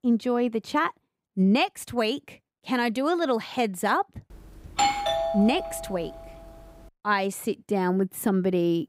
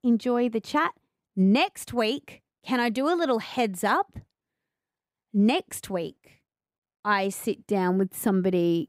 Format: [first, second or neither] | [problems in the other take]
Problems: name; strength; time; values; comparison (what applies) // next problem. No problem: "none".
second | doorbell; loud; from 4.5 to 6 s; peak 2 dB above the speech